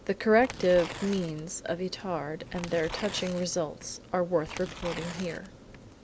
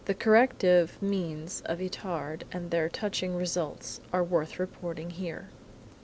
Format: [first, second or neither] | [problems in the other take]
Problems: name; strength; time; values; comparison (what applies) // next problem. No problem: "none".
second | background sound (Tearing); 14 dB below the speech